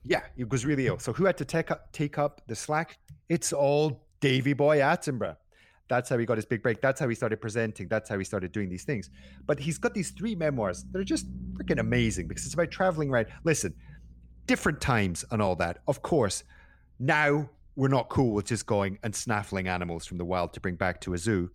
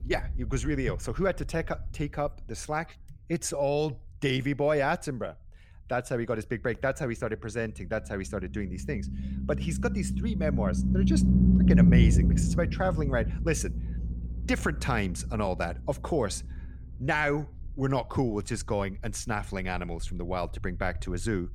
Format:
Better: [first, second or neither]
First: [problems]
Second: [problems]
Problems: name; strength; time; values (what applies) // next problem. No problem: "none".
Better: first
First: low rumble; faint; throughout; 25 dB below the speech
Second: low rumble; loud; throughout; 4 dB below the speech